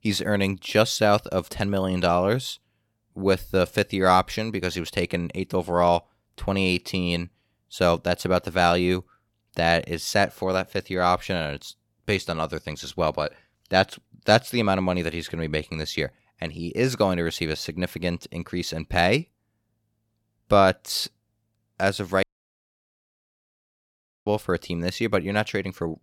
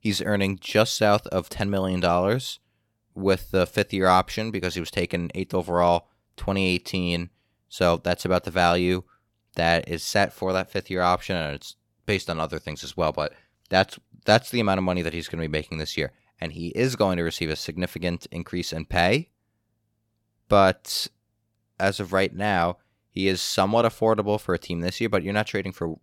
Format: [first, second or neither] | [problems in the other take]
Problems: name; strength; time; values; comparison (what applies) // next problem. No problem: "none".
second | audio cutting out; at 22 s for 2 s